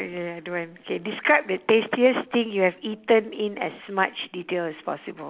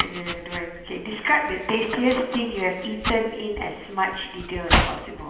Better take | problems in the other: first | background sound (Domestic sounds, home sounds); 4 dB below the speech // room echo; dies away in 1.1 s

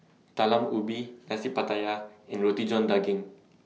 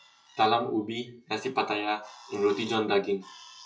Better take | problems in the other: first | noise reduction (classical method WPE with log-MMSE)

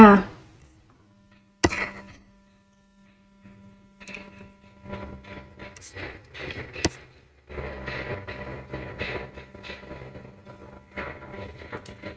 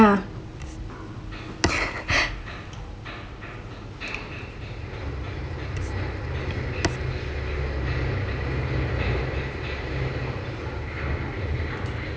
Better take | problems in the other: second | noise reduction (neural mask model RNNoise)

